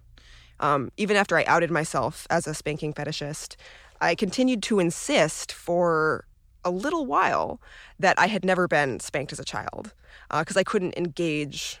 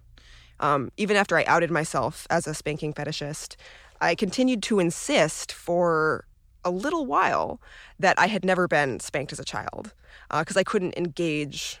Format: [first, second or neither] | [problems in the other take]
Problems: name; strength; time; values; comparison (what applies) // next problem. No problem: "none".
neither | none